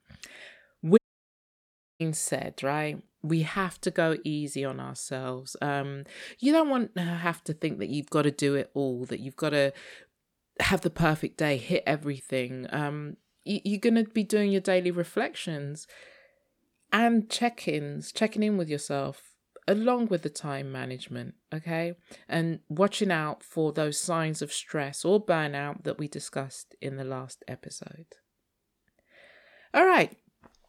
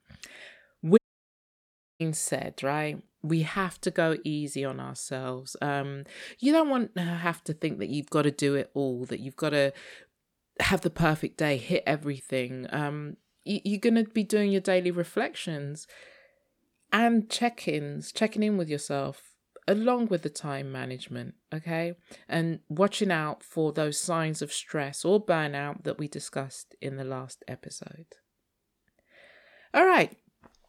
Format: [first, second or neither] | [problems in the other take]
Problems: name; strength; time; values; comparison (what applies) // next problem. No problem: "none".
neither | audio cutting out; at 1 s for 1 s; the same in both